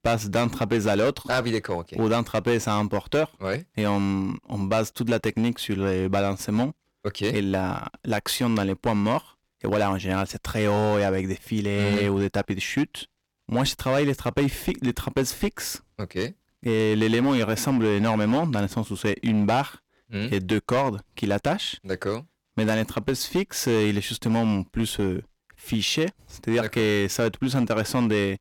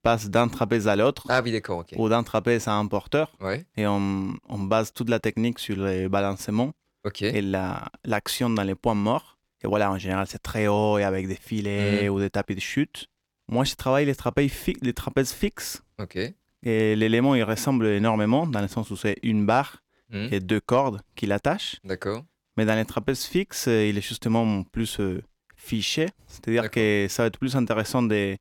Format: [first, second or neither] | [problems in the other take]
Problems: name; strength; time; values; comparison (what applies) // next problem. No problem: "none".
second | distortion; slight; 8% of the sound clipped